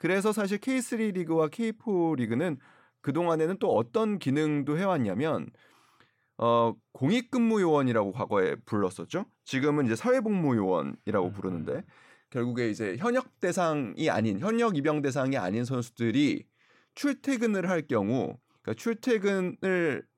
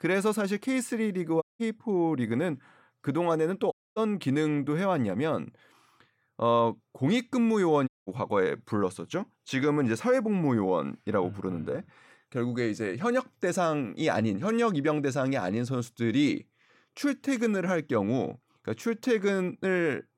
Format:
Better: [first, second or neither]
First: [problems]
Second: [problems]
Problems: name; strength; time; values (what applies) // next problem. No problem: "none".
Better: first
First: none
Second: audio cutting out; at 1.5 s, at 3.5 s and at 8 s